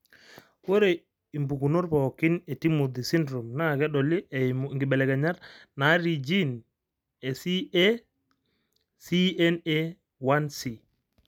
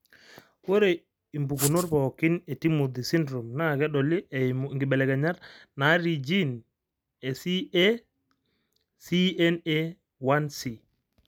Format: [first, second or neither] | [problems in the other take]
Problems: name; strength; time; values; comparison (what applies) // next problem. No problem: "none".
first | background sound (Writing); 7 dB below the speech